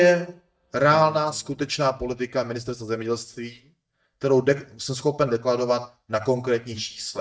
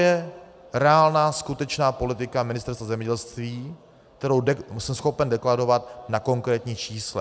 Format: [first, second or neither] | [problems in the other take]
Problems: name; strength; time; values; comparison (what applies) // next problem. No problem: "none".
second | noise reduction (neural mask model DeepFilterNet 3)